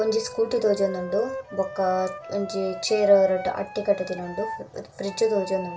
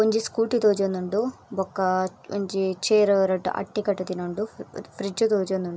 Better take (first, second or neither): second